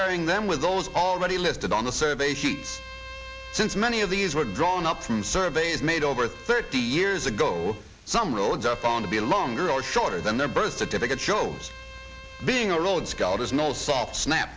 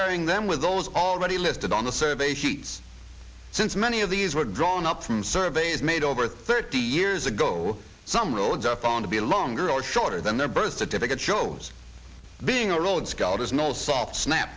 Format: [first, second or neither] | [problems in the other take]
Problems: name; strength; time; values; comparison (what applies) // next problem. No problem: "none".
second | background sound (Bowed string instrument); 18 dB below the speech